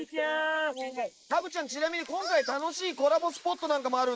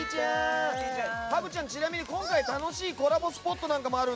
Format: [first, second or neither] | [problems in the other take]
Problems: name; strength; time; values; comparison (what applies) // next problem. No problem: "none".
second | noise reduction (neural mask model Resemble Enhance denoiser)